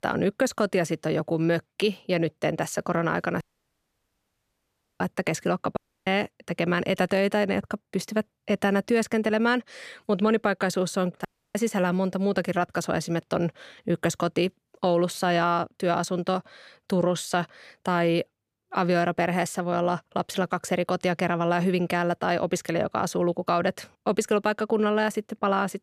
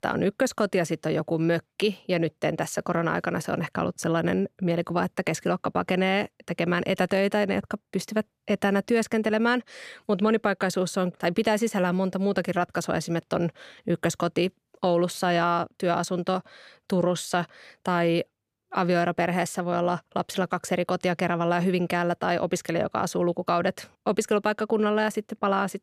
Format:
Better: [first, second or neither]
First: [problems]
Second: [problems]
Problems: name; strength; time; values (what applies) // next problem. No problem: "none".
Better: second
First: audio cutting out; at 3.5 s for 1.5 s, at 6 s and at 11 s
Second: none